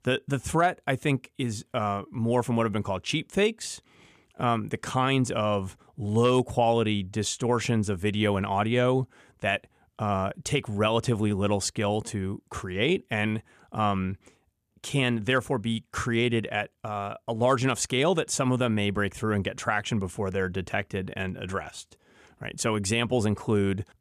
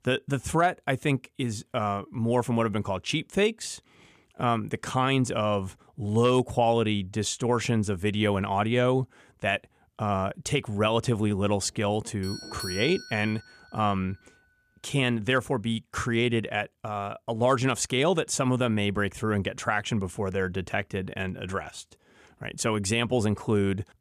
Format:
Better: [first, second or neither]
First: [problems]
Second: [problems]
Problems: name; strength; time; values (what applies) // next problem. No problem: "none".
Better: first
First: none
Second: doorbell; noticeable; from 12 to 14 s; peak 7 dB below the speech